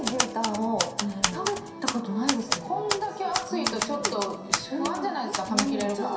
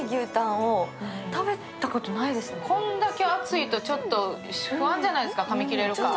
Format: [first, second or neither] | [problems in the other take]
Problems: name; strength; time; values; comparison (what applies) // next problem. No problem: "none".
second | background sound (Typewriter); 3 dB below the speech // room echo; dies away in 0.7 s